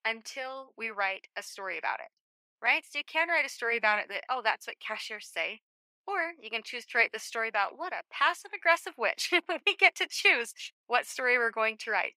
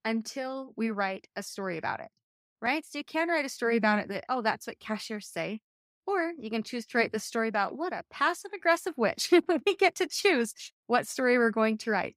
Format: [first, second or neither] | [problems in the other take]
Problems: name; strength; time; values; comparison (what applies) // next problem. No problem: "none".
second | thin; very; fading below 600 Hz